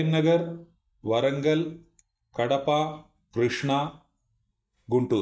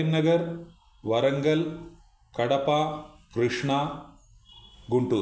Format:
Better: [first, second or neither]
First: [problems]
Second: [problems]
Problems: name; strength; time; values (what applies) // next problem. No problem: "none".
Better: second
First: noise reduction (neural mask model DeepFilterNet 3)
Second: none